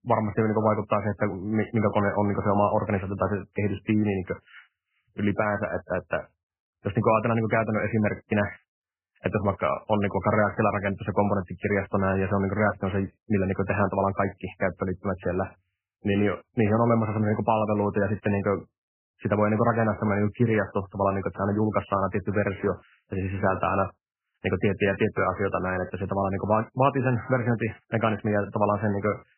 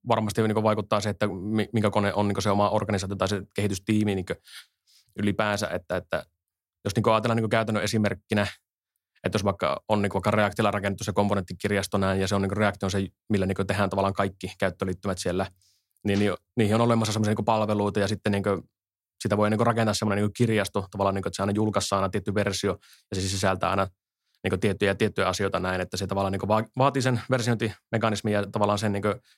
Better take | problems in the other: second | garbled, watery; badly; nothing above 3 kHz

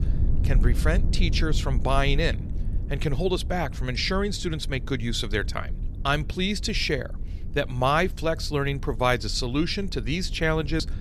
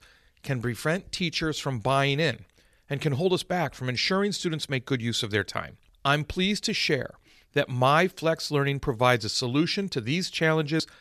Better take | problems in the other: second | low rumble; noticeable; throughout; 20 dB below the speech

